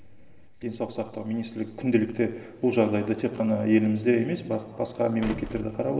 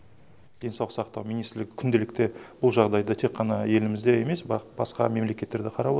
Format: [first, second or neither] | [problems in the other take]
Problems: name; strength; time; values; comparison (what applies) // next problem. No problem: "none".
second | background sound (Slam); 15 dB below the speech // room echo; dies away in 1.8 s